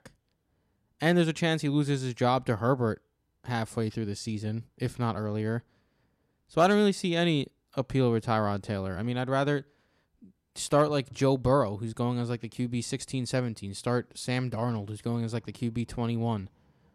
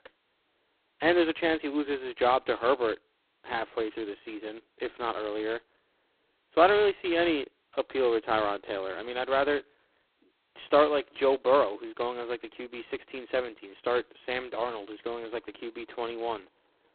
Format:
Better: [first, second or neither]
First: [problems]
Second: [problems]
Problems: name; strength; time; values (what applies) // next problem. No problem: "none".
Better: first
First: none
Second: phone-call audio; poor line; nothing above 4 kHz